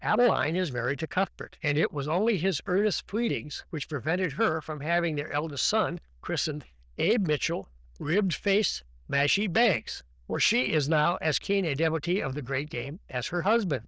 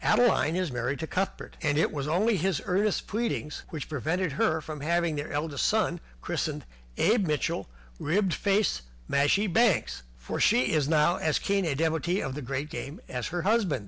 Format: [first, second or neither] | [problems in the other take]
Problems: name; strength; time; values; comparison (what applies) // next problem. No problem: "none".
second | noise reduction (neural diffusion model UNIVERSE++)